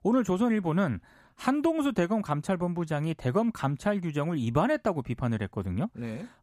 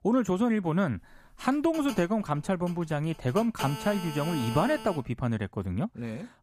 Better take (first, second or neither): first